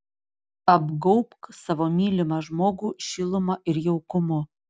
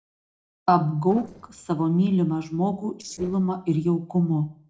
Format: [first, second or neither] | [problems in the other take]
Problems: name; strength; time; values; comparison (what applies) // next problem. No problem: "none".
first | noise reduction (neural separator model SepFormer DNS4)